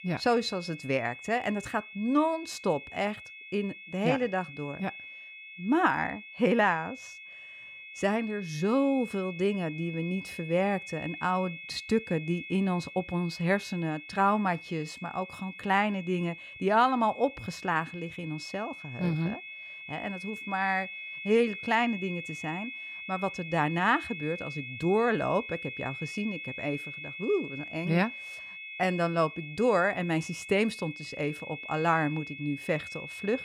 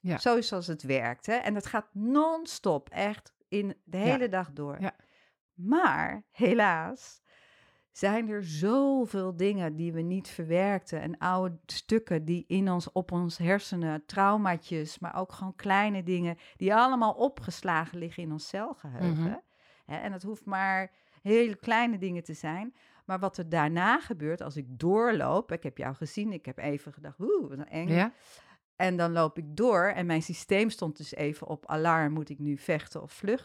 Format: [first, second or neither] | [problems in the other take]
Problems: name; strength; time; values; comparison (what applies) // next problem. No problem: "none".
second | high-pitched whine; noticeable; throughout; 2.5 kHz, 10 dB below the speech